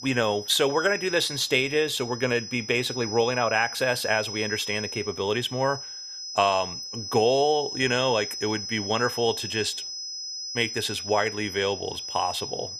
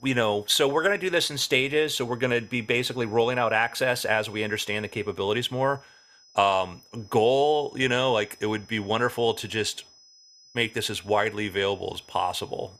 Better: second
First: high-pitched whine; loud; throughout; 5 kHz, 8 dB below the speech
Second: high-pitched whine; faint; throughout; 5 kHz, 30 dB below the speech

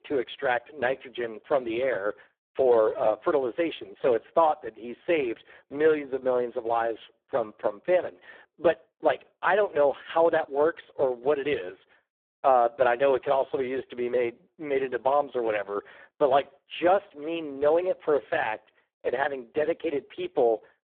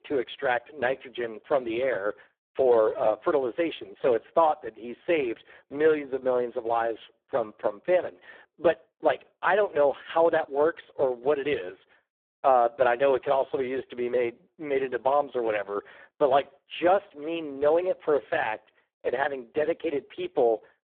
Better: neither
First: phone-call audio; poor line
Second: phone-call audio; poor line

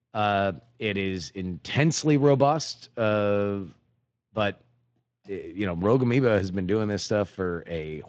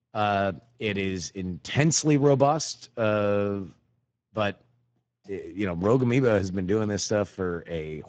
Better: first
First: garbled, watery; slightly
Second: garbled, watery; badly

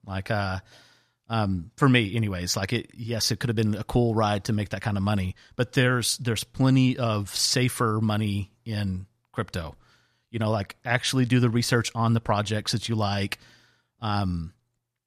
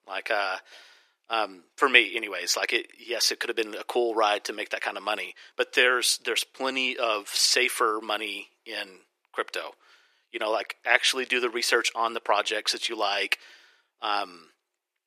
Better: first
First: none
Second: thin; very; fading below 350 Hz

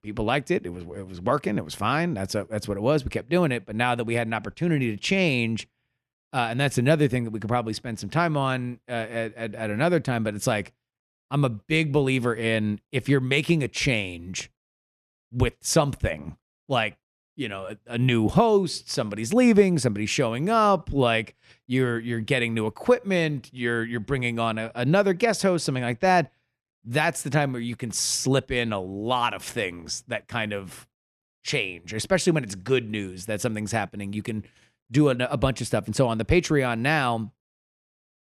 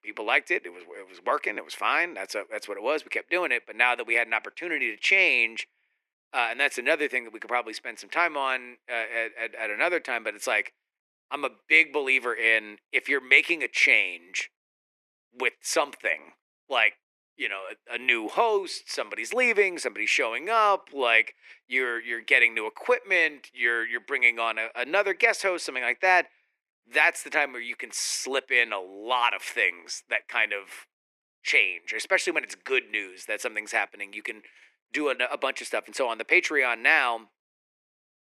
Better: first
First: none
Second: thin; very; fading below 350 Hz

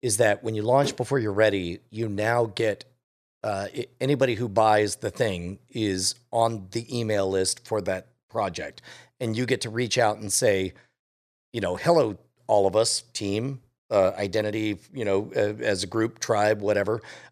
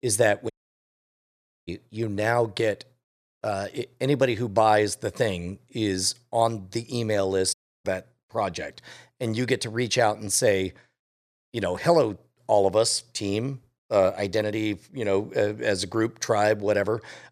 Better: first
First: none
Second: audio cutting out; at 0.5 s for 1 s and at 7.5 s

